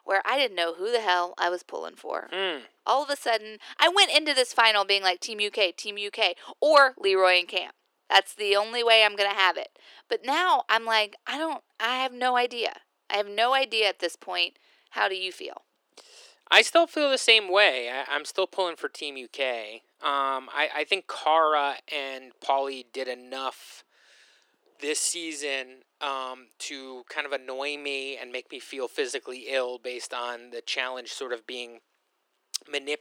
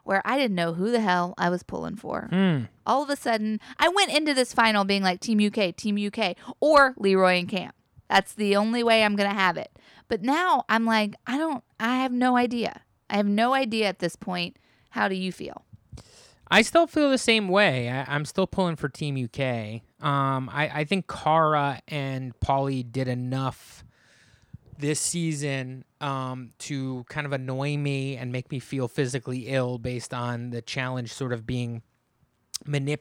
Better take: second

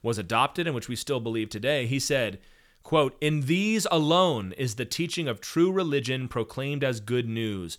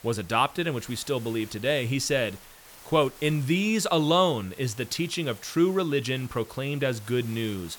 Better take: first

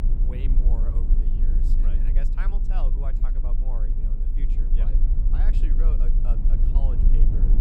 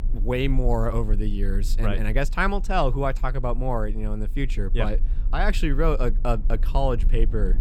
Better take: second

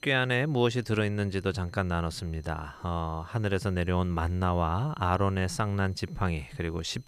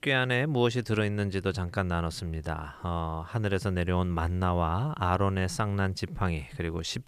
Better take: second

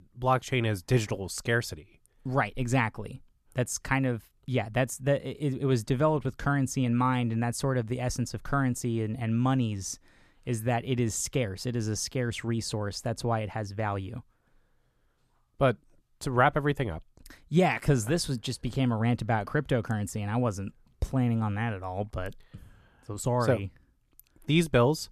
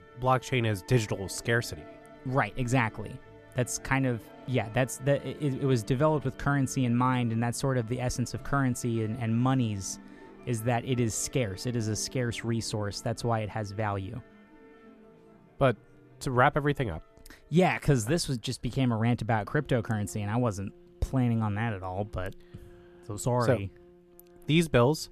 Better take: first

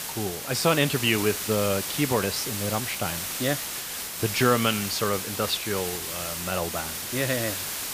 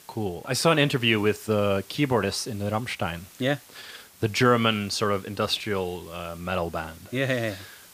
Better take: second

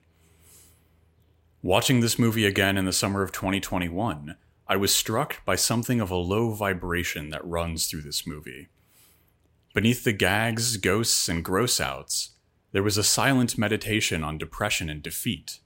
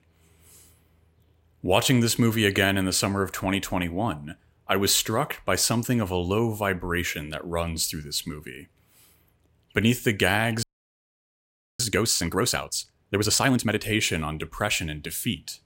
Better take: first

